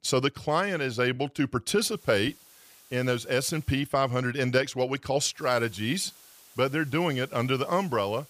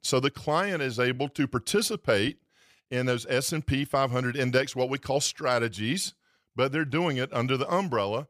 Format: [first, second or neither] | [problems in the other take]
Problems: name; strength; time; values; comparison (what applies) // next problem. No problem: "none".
second | hiss; faint; from 2 to 4 s and from 5.5 s on; 25 dB below the speech